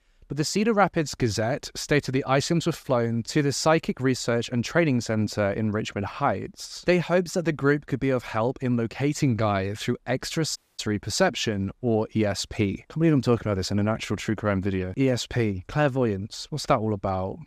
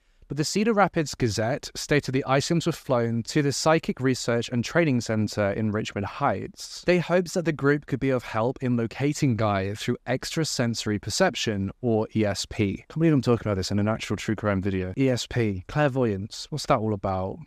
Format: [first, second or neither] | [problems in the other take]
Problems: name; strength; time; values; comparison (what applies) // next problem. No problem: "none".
second | audio cutting out; at 11 s